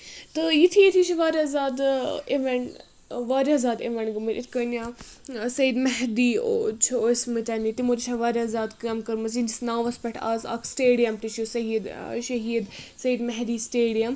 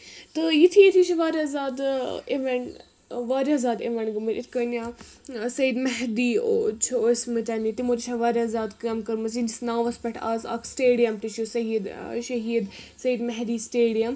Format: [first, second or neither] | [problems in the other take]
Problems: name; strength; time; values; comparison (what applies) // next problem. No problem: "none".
first | room echo; dies away in 0.3 s